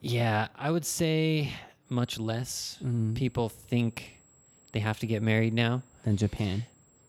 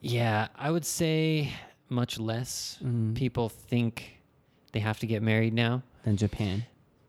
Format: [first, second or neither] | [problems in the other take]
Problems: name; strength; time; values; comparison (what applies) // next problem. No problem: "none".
second | high-pitched whine; faint; from 2 s on; 7.5 kHz, 30 dB below the speech